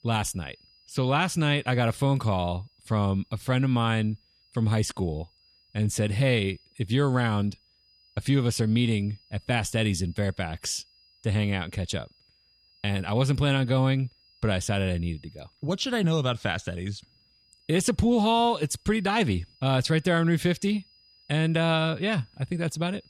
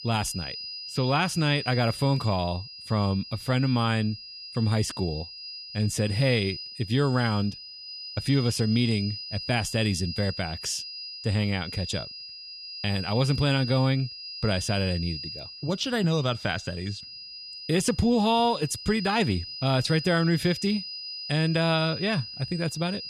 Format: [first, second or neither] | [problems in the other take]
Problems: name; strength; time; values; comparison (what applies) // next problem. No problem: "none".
first | high-pitched whine; loud; throughout; 5 kHz, 9 dB below the speech; faint in the first